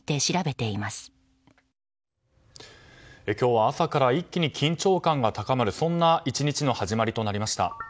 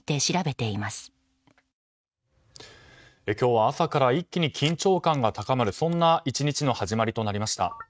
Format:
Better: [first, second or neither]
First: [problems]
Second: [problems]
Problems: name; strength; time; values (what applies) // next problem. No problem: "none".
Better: first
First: none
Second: noise reduction (neural mask model RNNoise)